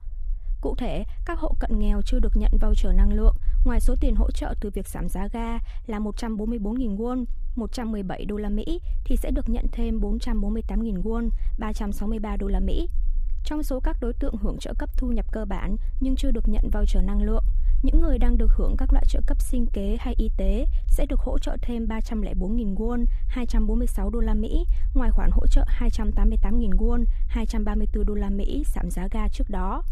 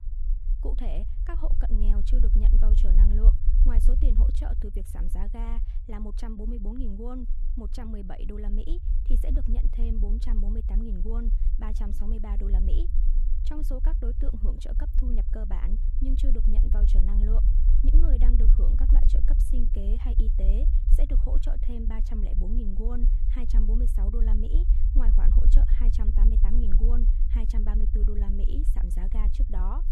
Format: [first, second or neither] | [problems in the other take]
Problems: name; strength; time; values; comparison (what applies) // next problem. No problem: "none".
first | low rumble; loud; throughout; 5 dB below the speech; faint in the first